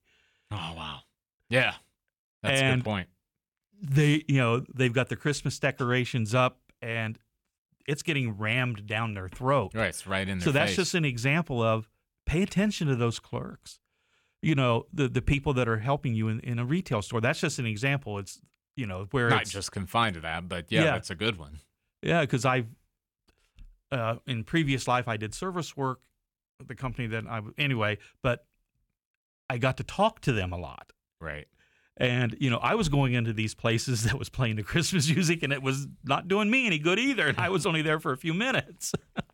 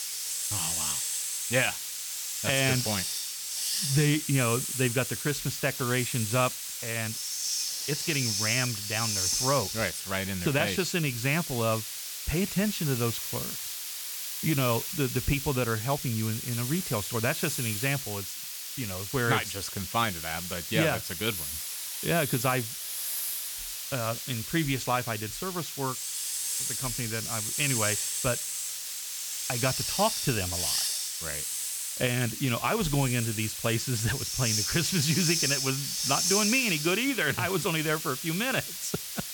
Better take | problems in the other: first | hiss; loud; throughout; 1 dB below the speech

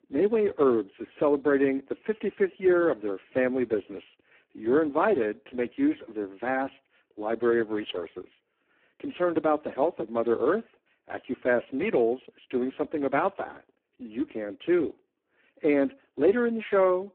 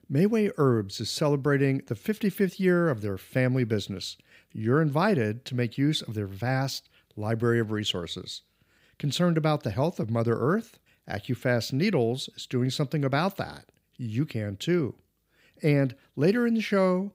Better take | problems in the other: second | phone-call audio; poor line

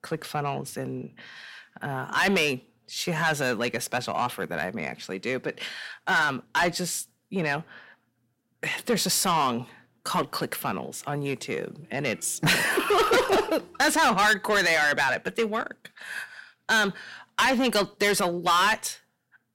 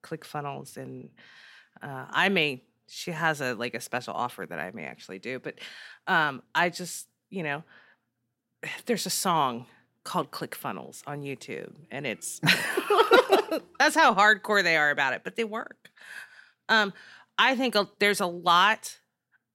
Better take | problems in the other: second | distortion; heavy; 6 dB below the speech

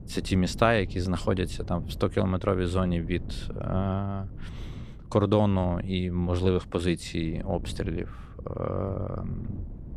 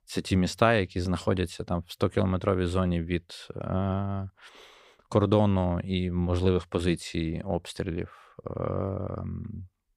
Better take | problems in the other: second | wind noise on the microphone; occasional gusts; 20 dB below the speech

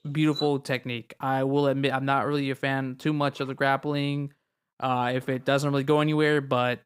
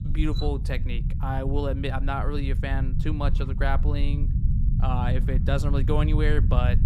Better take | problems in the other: first | low rumble; loud; throughout; 9 dB below the speech

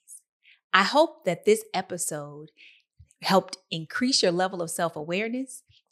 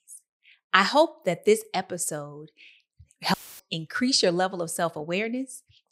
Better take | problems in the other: first | audio cutting out; filled with static; at 3.5 s

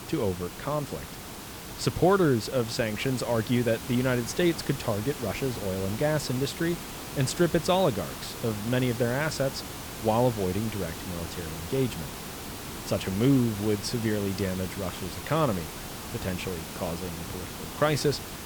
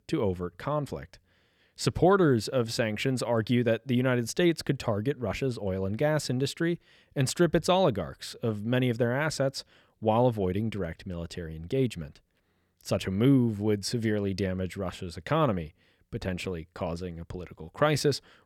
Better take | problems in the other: second | hiss; loud; throughout; 9 dB below the speech

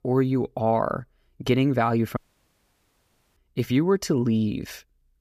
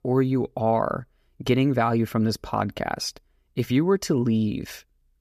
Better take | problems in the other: second | audio cutting out; at 2 s for 1 s

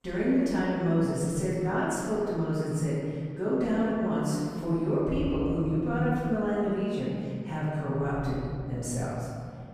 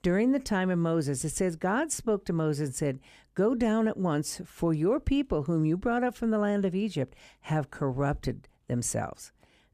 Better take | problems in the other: second | room echo; strong; dies away in 2.3 s // off-mic speech; far

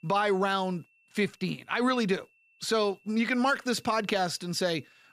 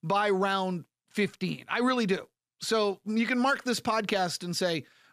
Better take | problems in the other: second | high-pitched whine; faint; throughout; 2.5 kHz, 35 dB below the speech

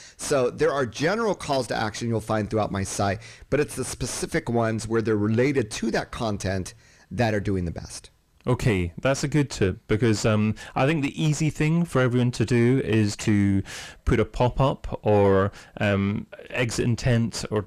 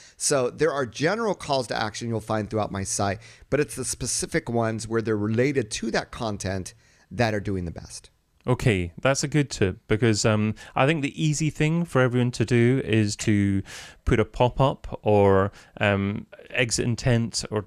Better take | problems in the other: second | distortion; slight; 10 dB below the speech

